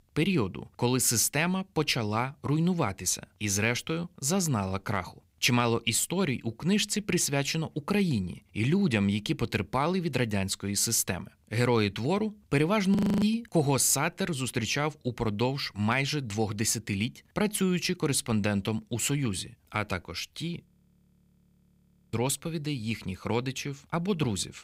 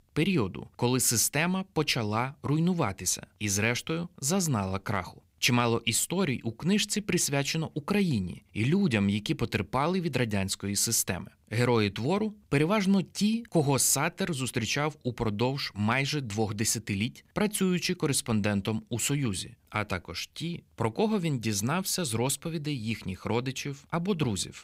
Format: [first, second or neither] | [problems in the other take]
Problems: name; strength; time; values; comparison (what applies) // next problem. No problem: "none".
second | audio freezing; at 13 s and at 21 s for 1.5 s